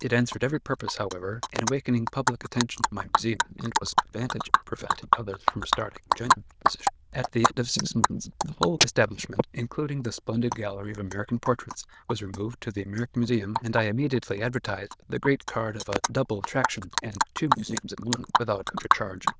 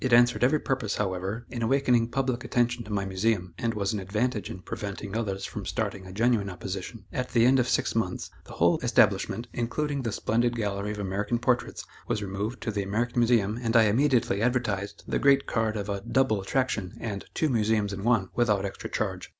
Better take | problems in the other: second | noise reduction (neural diffusion model UNIVERSE++)

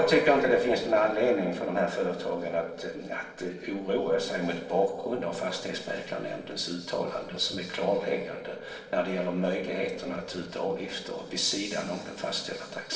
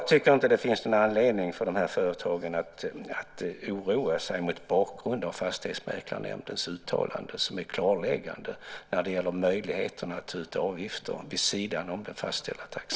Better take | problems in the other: second | noise reduction (neural separator model SepFormer DNS4)

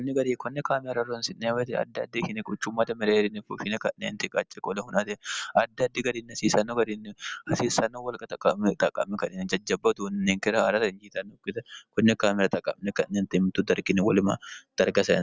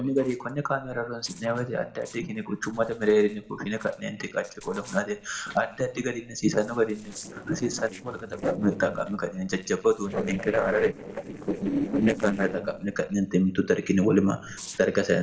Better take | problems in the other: first | noise reduction (neural separator model SepFormer DNS4)

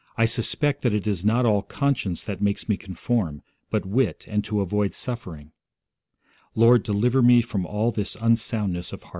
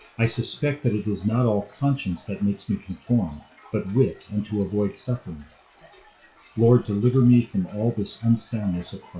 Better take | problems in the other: first | noise reduction (classical method WPE with log-MMSE)

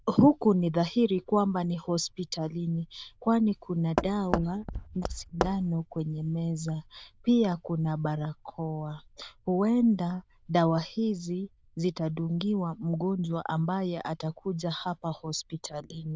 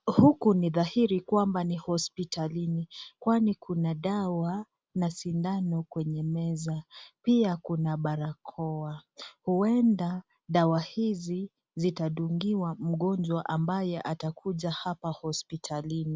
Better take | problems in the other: second | noise reduction (neural diffusion model UNIVERSE++)

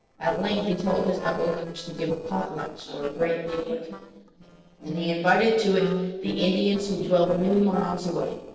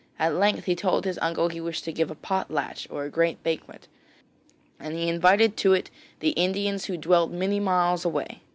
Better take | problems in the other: second | noise reduction (neural separator model SepFormer DNS4)

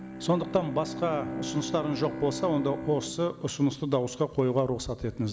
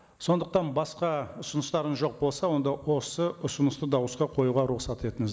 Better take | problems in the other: second | background sound (Bowed string instrument); 10 dB below the speech

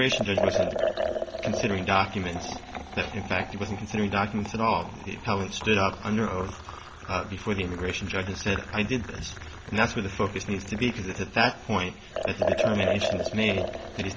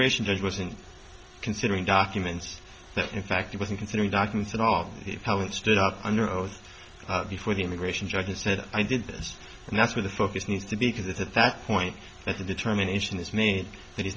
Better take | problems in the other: second | background sound (Liquid); 4 dB below the speech

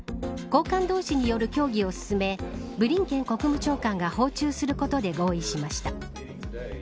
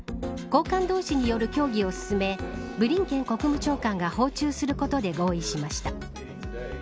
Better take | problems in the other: first | background sound (Bowed string instrument); 19 dB below the speech

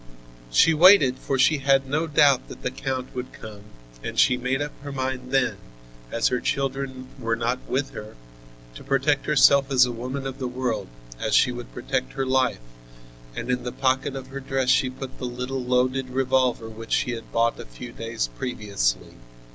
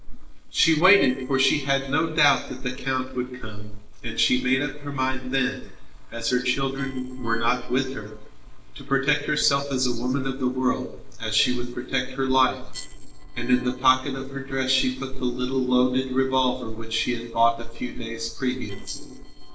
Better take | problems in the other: first | noise reduction (neural separator model SepFormer DNS4)

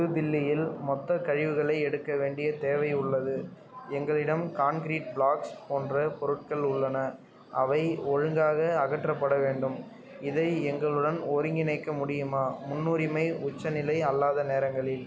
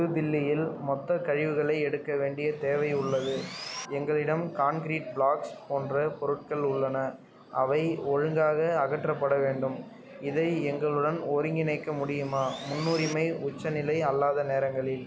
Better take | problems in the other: first | background sound (Sawing); 14 dB below the speech

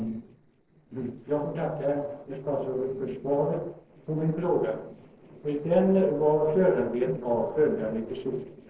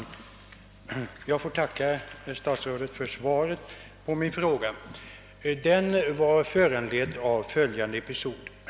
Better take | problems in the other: second | noise reduction (neural separator model SepFormer DNS4)

